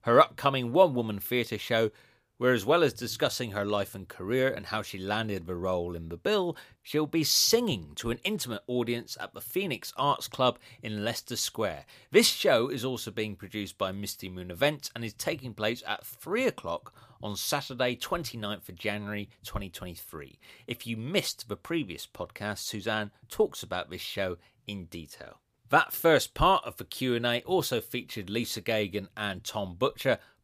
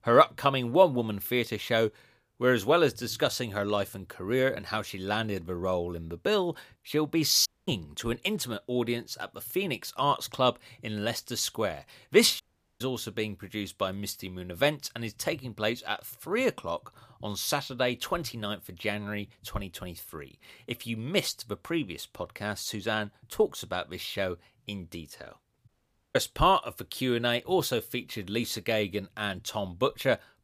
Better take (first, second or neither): first